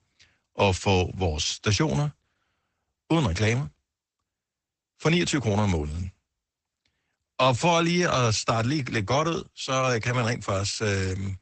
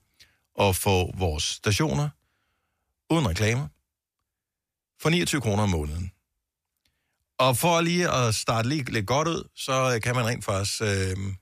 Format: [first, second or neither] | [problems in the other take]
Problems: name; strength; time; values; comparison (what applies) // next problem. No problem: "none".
second | garbled, watery; badly; nothing above 8 kHz